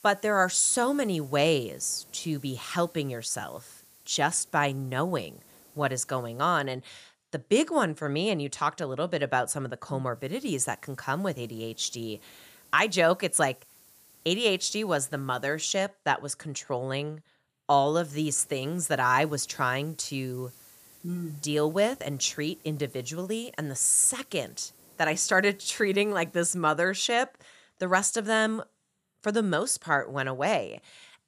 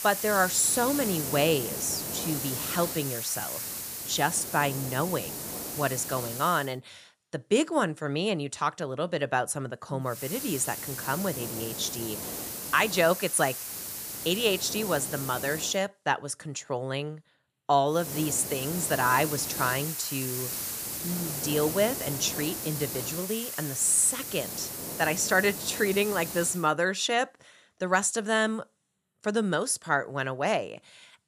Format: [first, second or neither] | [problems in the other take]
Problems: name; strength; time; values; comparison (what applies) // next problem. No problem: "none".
first | hiss; loud; until 6.5 s, from 10 to 16 s and from 18 to 27 s; 5 dB below the speech; faint in the first